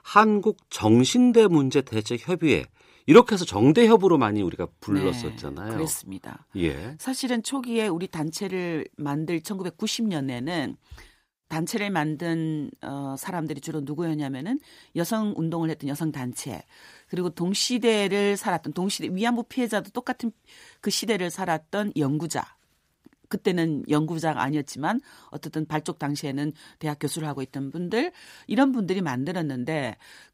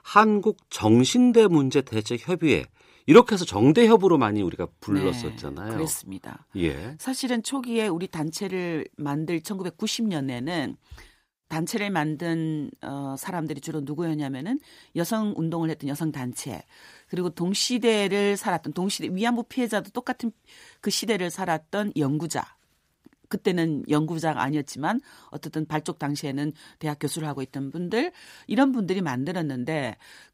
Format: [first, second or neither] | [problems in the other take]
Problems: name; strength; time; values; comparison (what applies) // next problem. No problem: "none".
neither | none